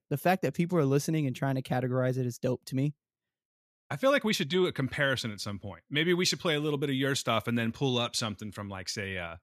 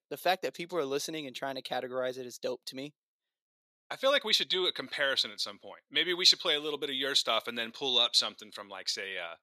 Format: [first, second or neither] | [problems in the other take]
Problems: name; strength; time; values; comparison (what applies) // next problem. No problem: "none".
first | thin; somewhat; fading below 500 Hz